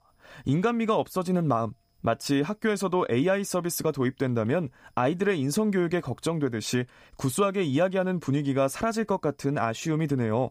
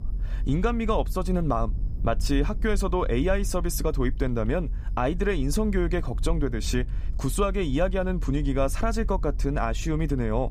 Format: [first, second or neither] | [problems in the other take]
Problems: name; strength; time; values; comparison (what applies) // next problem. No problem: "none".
first | low rumble; faint; throughout; 20 dB below the speech